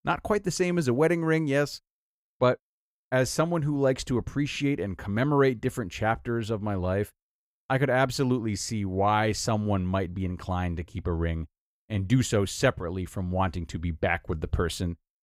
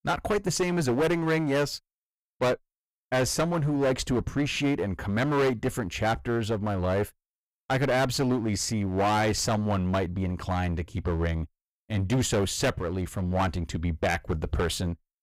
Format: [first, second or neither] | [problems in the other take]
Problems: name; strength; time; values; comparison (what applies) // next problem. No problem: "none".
first | distortion; heavy; 15% of the sound clipped